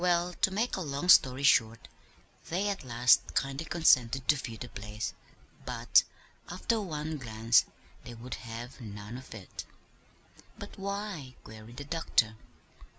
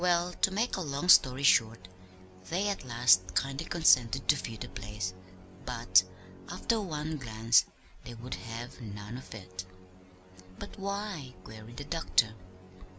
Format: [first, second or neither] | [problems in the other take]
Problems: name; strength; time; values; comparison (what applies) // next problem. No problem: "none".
first | background sound (Musical instrument); 18 dB below the speech